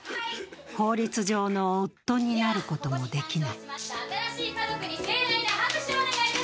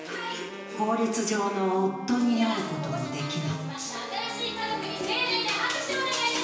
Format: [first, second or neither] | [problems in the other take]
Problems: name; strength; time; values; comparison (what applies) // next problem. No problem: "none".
first | background sound (Wind instrument, woodwind instrument); 13 dB below the speech // room echo; dies away in 1 s